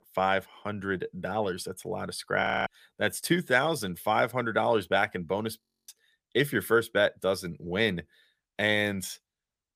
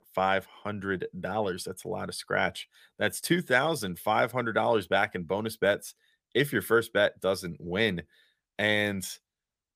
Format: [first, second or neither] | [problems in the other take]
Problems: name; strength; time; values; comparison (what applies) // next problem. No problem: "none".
second | audio freezing; at 2.5 s and at 5.5 s